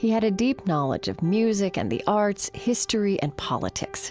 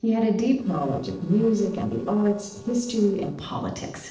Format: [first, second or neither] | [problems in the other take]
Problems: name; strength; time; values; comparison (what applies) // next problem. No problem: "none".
first | noise reduction (neural separator model SepFormer DNS4)